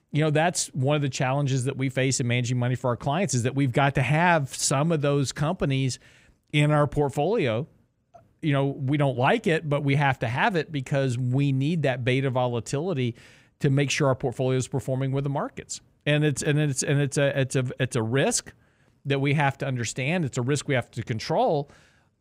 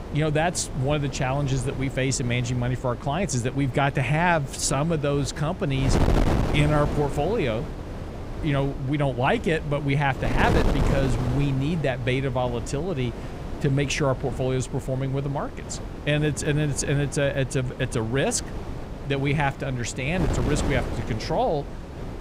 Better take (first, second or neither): first